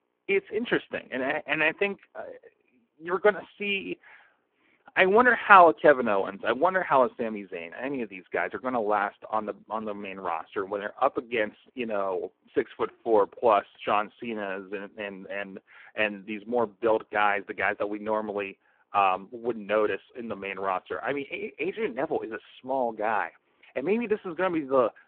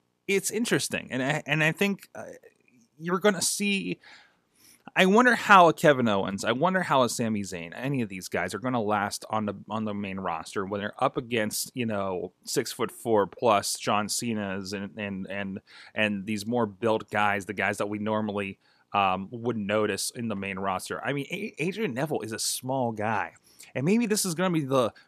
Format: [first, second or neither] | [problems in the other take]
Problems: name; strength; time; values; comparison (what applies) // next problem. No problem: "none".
second | phone-call audio; poor line